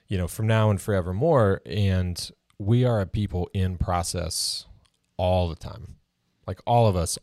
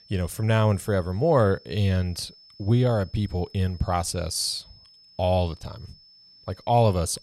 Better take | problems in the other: first | high-pitched whine; faint; throughout; 5.5 kHz, 25 dB below the speech

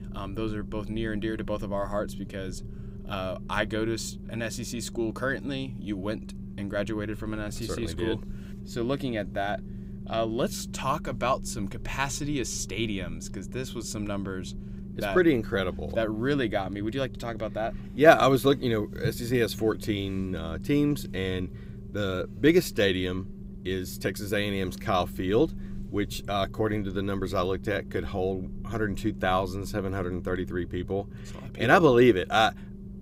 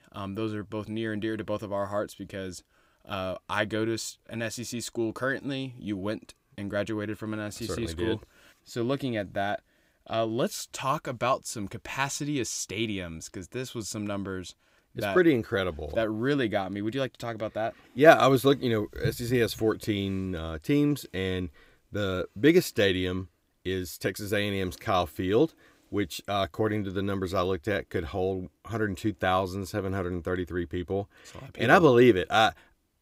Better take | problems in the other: second | low rumble; faint; throughout; 20 dB below the speech

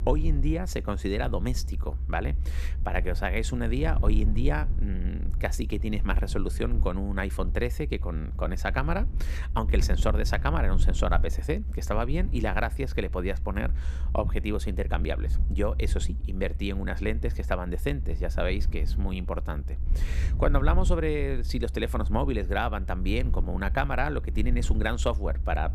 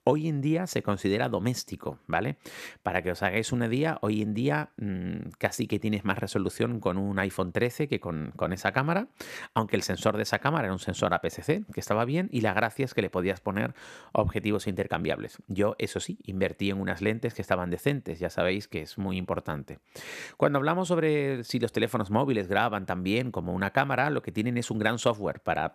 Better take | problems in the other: second | low rumble; noticeable; throughout; 15 dB below the speech

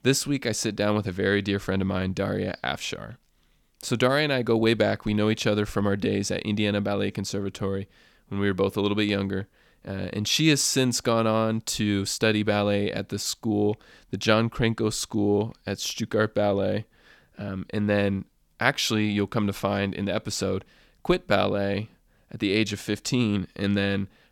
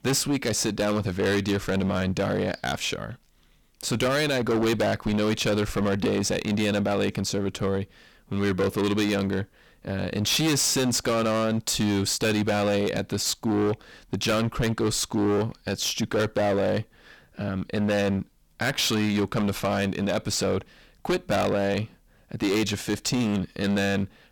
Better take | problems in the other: first | distortion; heavy; 17% of the sound clipped

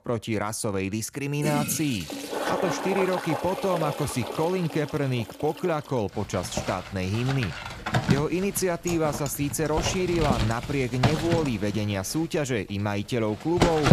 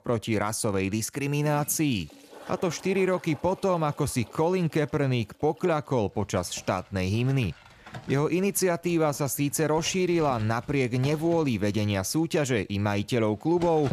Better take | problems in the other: second | household noises; loud; throughout; 4 dB below the speech; faint in the second

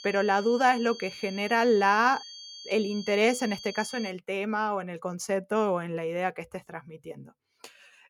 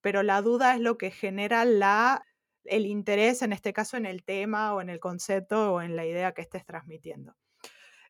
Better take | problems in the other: second | high-pitched whine; noticeable; until 4 s; 4.5 kHz, 15 dB below the speech

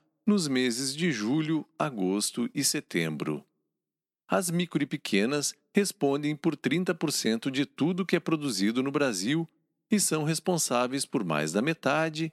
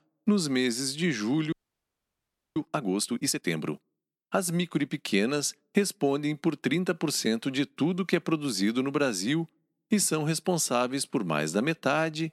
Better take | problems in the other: first | audio freezing; at 1.5 s for 1 s

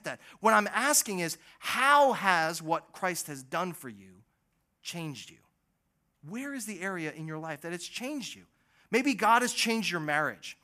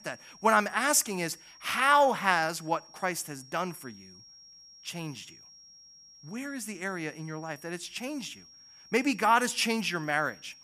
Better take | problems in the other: first | high-pitched whine; faint; throughout; 5.5 kHz, 25 dB below the speech

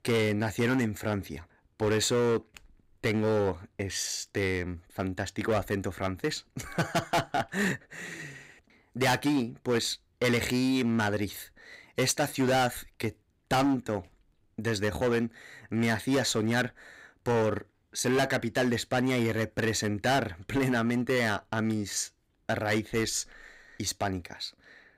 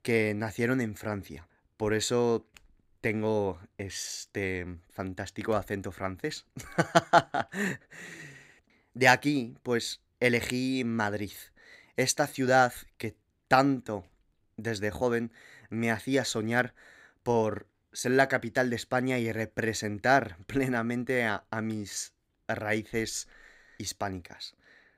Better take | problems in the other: second | distortion; heavy; 9% of the sound clipped

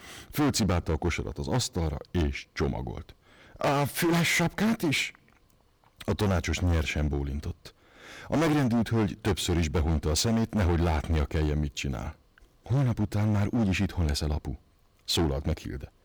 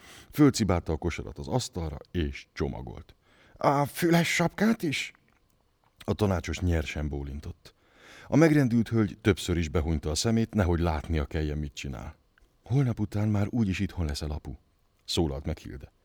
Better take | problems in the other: second | distortion; heavy; 15% of the sound clipped

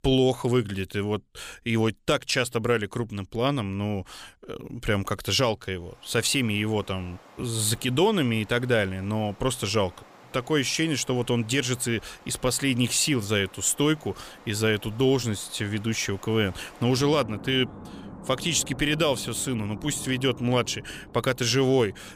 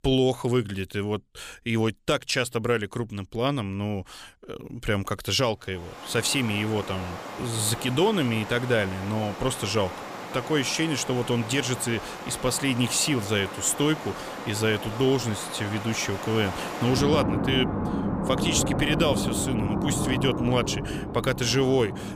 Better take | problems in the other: first | rain or running water; loud; from 6 s on; 6 dB below the speech; faint in the first

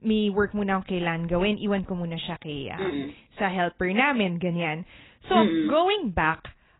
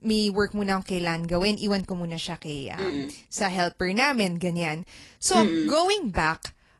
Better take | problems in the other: second | garbled, watery; badly; nothing above 4 kHz; slightly in the second

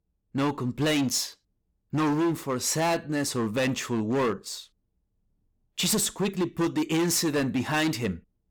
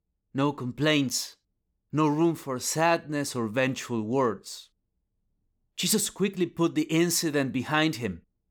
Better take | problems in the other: second | distortion; heavy; 13% of the sound clipped

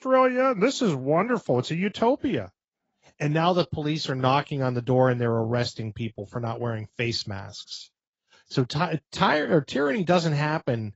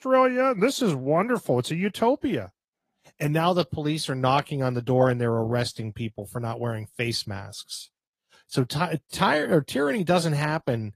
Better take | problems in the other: second | garbled, watery; badly; nothing above 7.5 kHz; slightly in the second

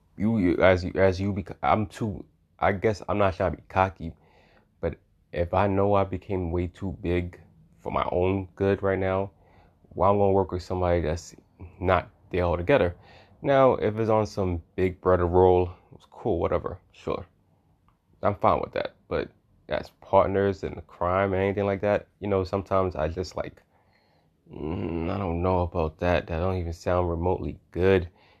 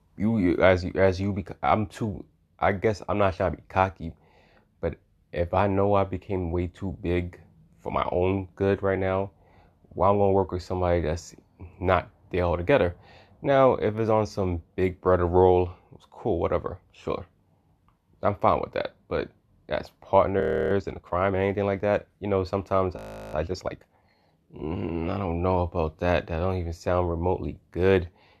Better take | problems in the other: first | audio freezing; at 20 s and at 23 s

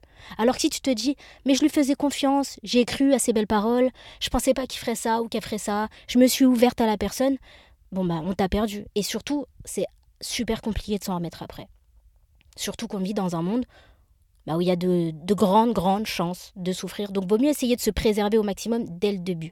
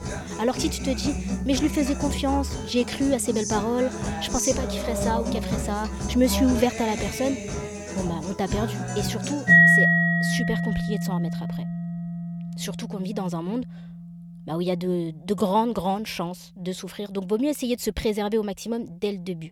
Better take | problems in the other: first | background music; very loud; throughout; 2 dB above the speech

